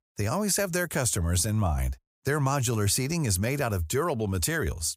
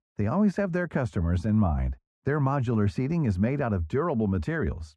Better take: first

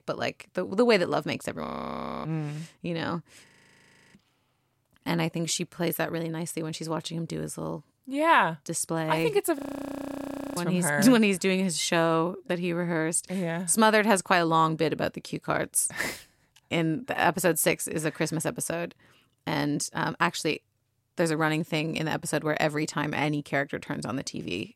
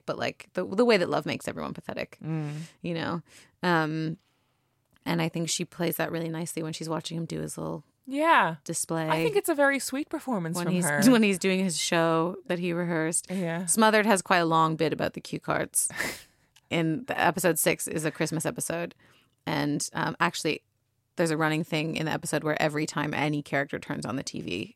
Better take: second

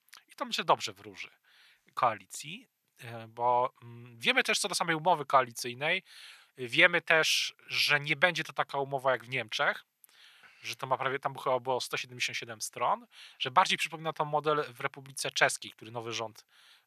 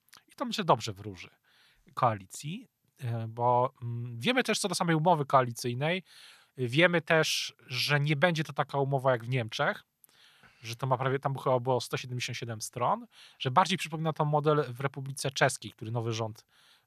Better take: second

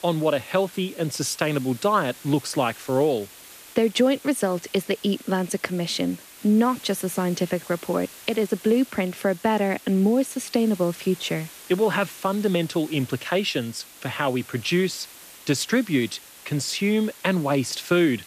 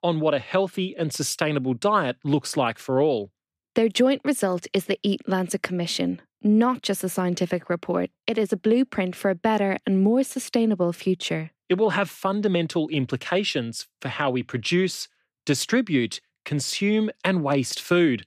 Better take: second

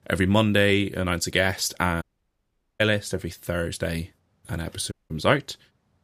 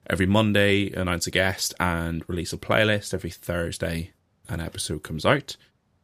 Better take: second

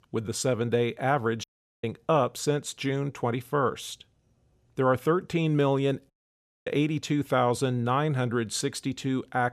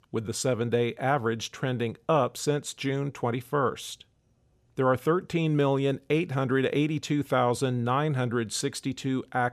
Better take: second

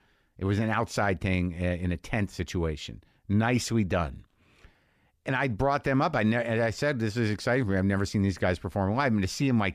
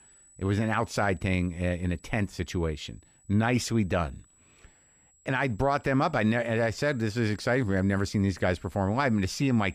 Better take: first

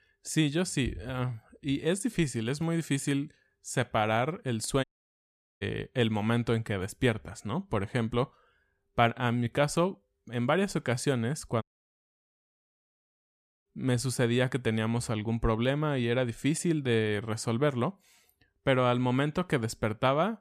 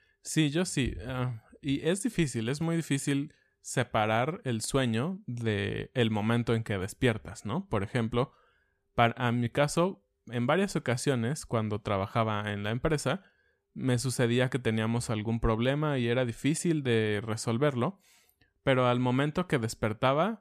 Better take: second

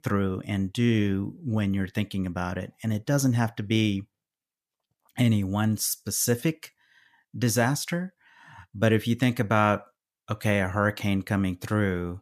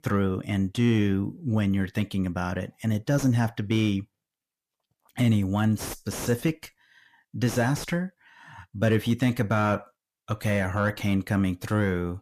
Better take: first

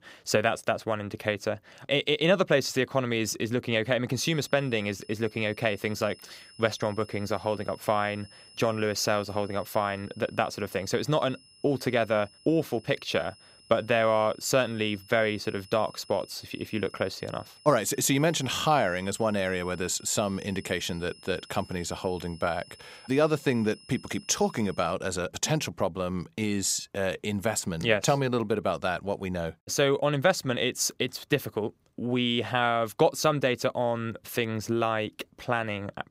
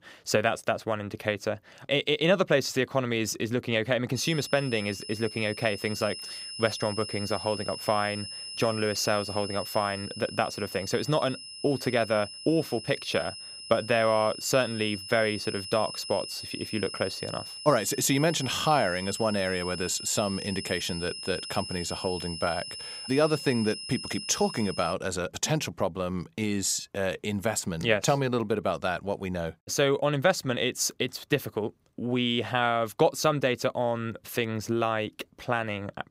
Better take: first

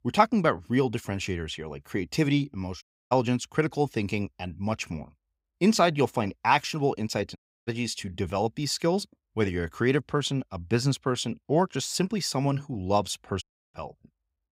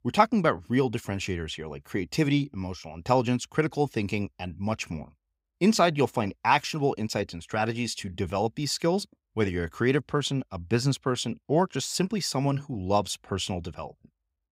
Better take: second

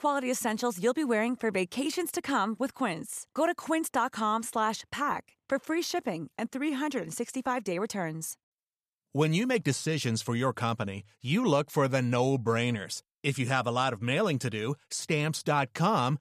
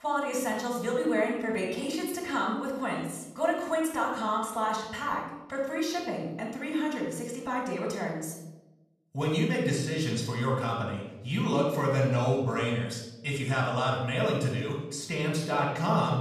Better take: first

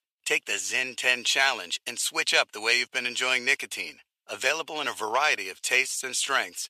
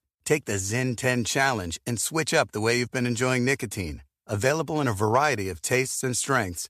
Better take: second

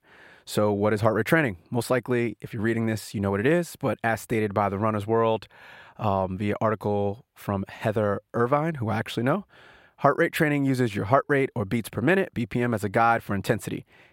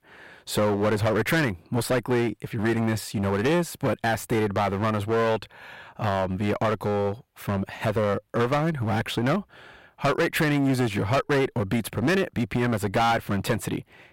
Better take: first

